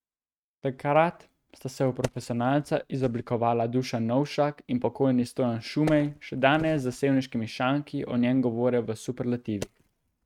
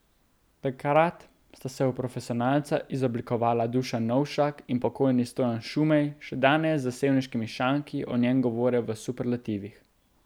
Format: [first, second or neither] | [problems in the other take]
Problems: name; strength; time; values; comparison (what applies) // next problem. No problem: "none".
second | noise reduction (neural mask model RNNoise)